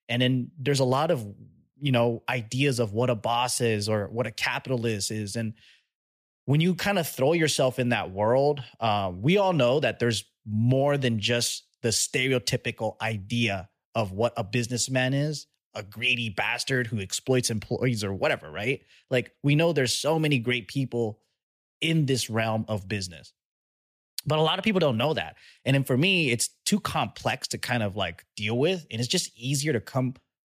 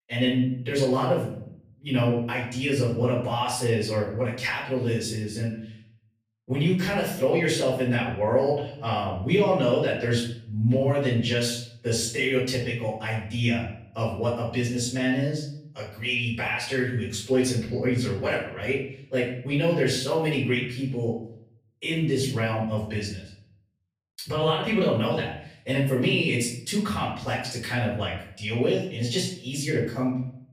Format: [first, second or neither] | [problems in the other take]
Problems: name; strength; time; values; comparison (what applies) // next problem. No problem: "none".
first | off-mic speech; far // room echo; noticeable; dies away in 0.6 s